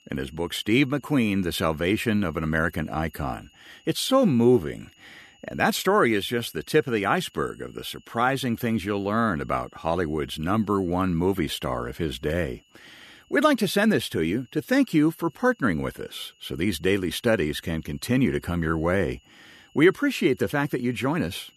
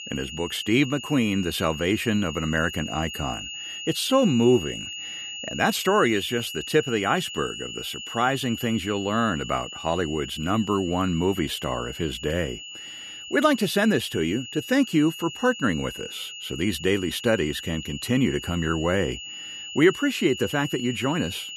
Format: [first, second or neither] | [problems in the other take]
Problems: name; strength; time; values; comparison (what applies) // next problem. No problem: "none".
first | high-pitched whine; loud; throughout; 3 kHz, 10 dB below the speech; faint in the first